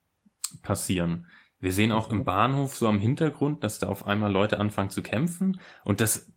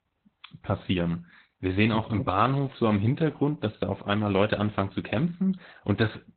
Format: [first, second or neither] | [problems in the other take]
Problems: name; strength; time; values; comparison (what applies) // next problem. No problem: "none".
first | garbled, watery; badly; nothing above 4 kHz; slightly in the first